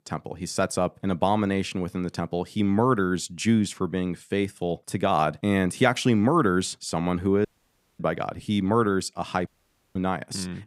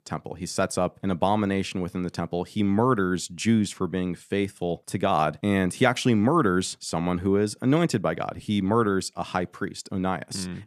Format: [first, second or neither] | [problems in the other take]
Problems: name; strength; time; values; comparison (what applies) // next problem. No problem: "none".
second | audio cutting out; at 7.5 s for 0.5 s and at 9.5 s